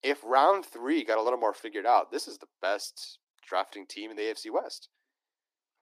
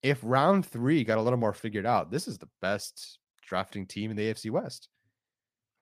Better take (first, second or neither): second